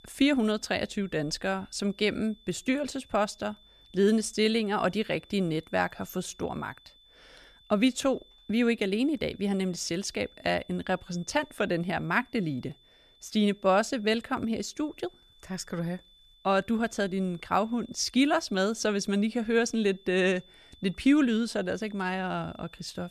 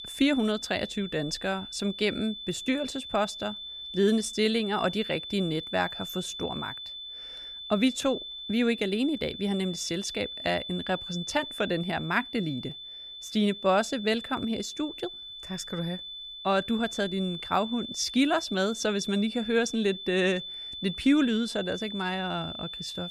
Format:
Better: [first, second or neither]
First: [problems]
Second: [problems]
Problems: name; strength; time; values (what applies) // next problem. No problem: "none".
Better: first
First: high-pitched whine; faint; throughout; 3.5 kHz, 30 dB below the speech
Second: high-pitched whine; loud; throughout; 3.5 kHz, 9 dB below the speech